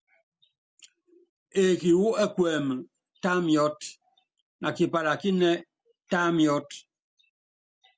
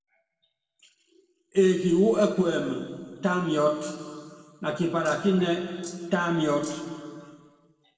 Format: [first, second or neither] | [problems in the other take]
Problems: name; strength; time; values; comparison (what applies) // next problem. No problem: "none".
first | noise reduction (neural separator model SepFormer DNS4)